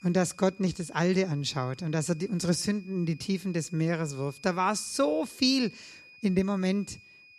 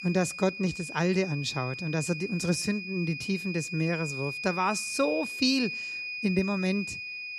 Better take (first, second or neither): first